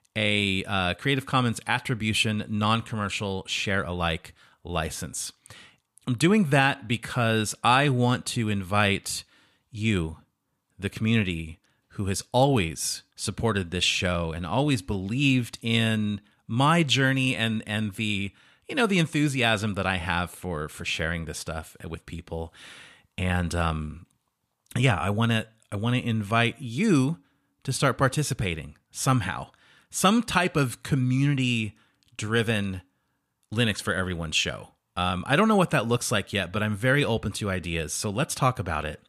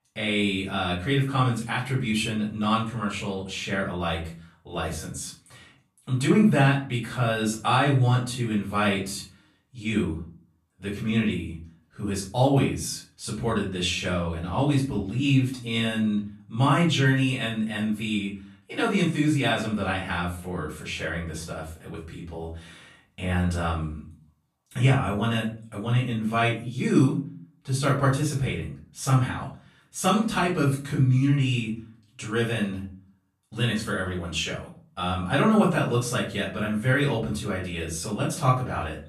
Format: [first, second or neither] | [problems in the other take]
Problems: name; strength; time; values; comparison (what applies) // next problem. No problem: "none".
first | off-mic speech; far // room echo; slight; dies away in 0.4 s